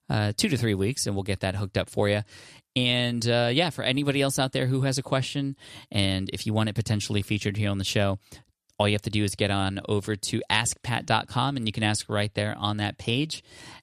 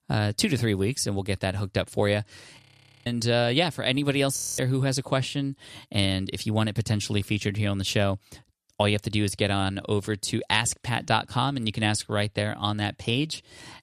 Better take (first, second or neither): first